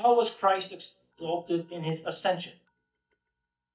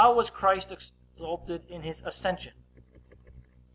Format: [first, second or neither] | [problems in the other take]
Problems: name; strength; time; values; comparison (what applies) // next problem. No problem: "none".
second | noise reduction (neural mask model DeepFilterNet 3)